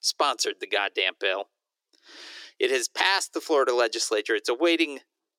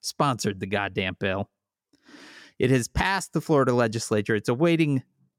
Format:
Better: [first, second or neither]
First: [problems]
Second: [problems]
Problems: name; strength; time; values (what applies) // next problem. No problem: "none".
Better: second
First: thin; very; fading below 350 Hz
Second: none